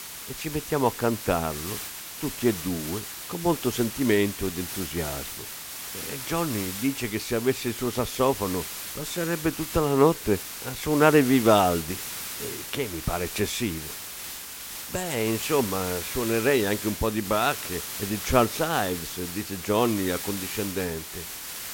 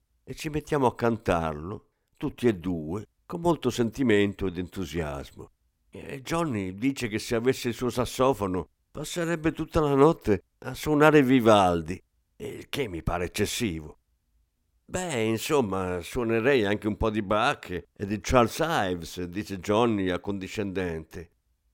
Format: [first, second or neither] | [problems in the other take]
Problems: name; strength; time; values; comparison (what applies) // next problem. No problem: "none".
second | hiss; loud; throughout; 7 dB below the speech